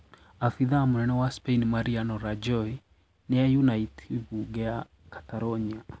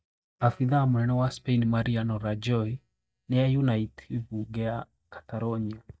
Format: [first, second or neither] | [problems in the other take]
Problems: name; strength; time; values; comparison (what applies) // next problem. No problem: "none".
first | noise reduction (neural mask model DeepFilterNet 3)